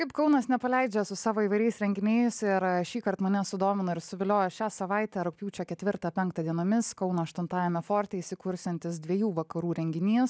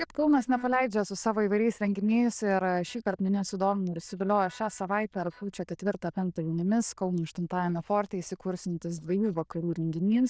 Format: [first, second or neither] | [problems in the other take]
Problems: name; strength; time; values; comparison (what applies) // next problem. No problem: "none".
first | noise reduction (neural diffusion model UNIVERSE++)